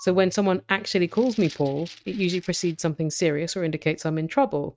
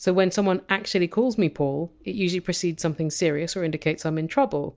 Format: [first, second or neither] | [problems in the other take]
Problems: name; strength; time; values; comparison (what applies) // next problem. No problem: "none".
second | noise reduction (neural mask model RNNoise)